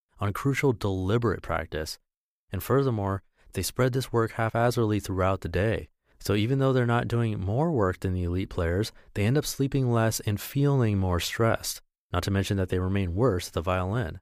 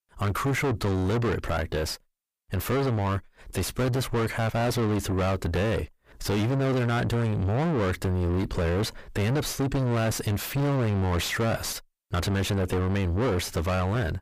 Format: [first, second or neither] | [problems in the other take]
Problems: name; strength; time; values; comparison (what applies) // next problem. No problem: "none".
first | distortion; heavy; 6 dB below the speech